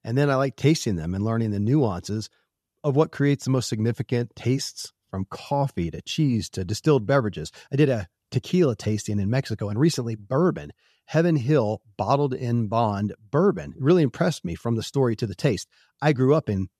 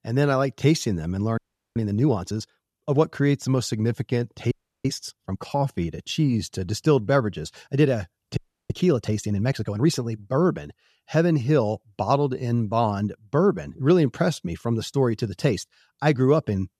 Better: first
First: none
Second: audio freezing; at 1.5 s, at 4.5 s and at 8.5 s

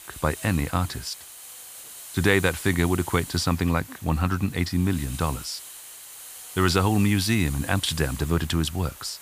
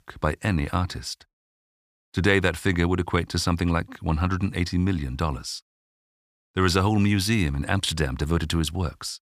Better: second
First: hiss; noticeable; throughout; 15 dB below the speech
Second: none

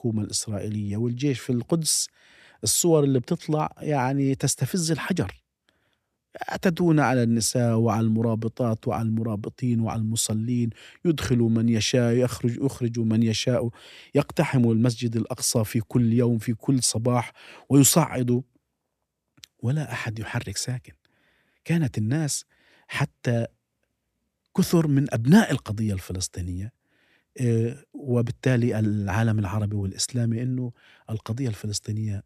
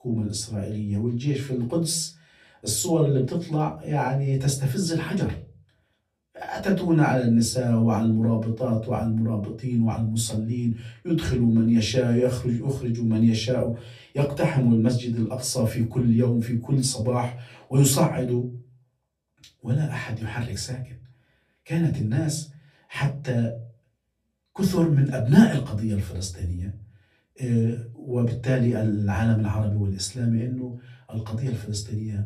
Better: first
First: none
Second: off-mic speech; far // room echo; very slight; dies away in 0.3 s

